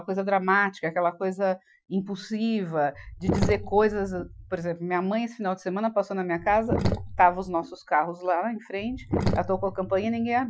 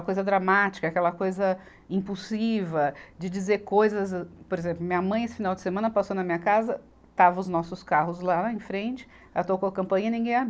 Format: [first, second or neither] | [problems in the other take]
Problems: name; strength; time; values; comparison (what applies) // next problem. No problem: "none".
second | noise reduction (classical method Wiener filter)